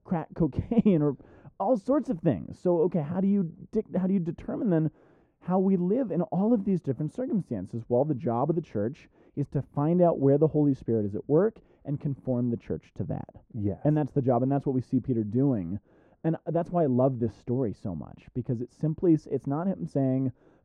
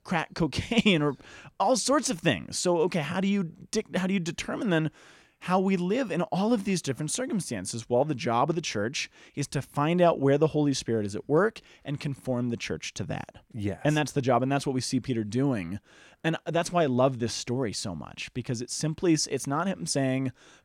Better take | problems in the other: second | muffled; very; fading above 1.5 kHz

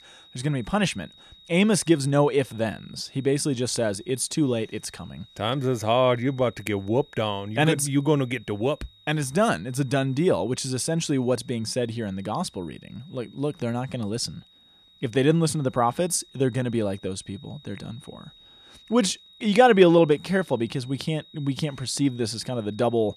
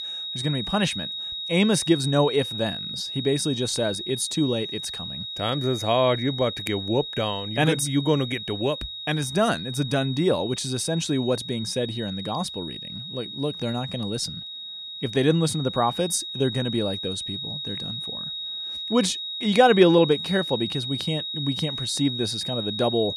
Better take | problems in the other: first | high-pitched whine; loud; throughout; 4 kHz, 6 dB below the speech; faint in the first

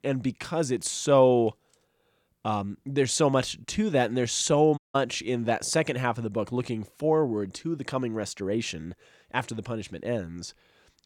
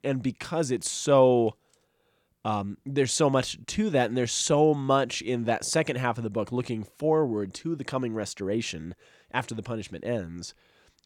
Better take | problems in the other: second | audio cutting out; at 5 s

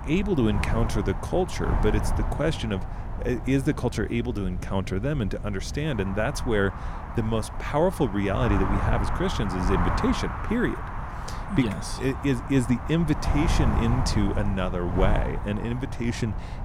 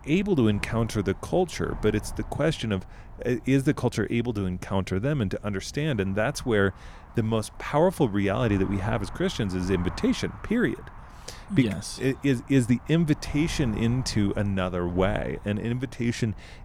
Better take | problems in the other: second | wind noise on the microphone; heavy; 4 dB below the speech; occasional gusts in the second

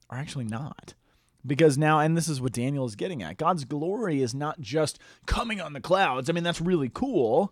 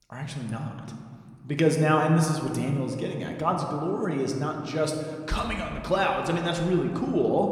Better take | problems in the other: first | room echo; slight; dies away in 1.7 s

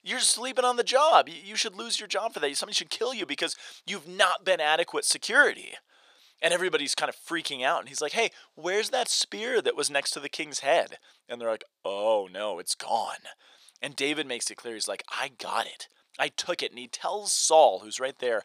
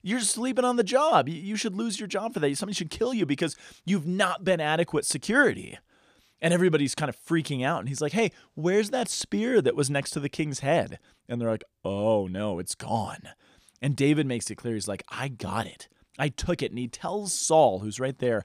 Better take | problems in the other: second | thin; very; fading below 650 Hz

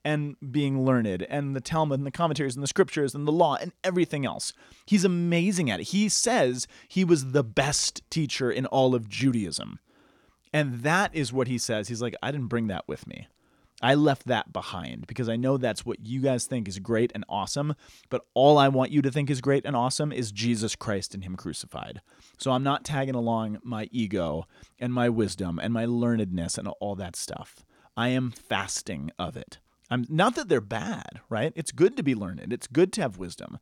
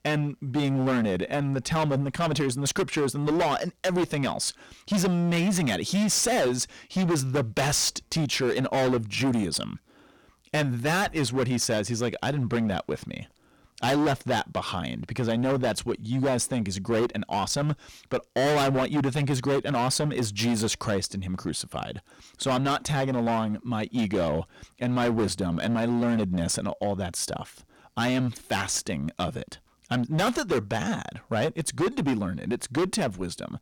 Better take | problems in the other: first | distortion; heavy; 17% of the sound clipped

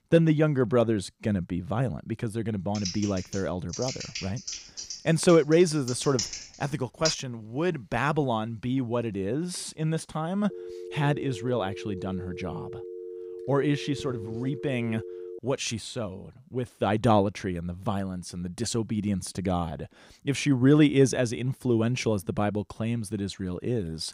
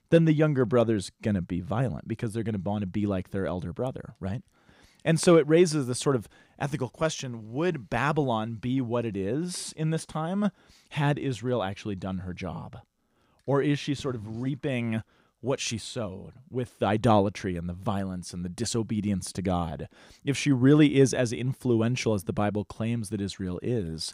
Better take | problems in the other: second | keyboard typing; noticeable; from 3 to 7 s; peak 2 dB below the speech // phone ringing; faint; from 11 to 15 s; peak 10 dB below the speech

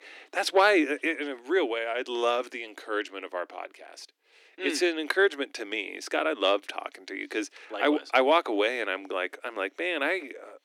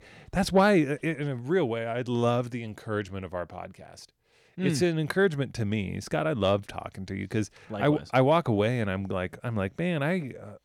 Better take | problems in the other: second | thin; somewhat; fading below 300 Hz

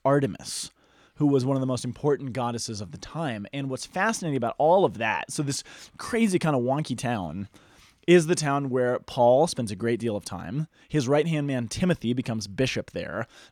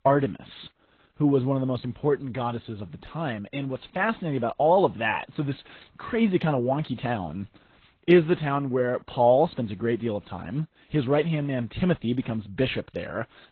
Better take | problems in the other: first | garbled, watery; badly

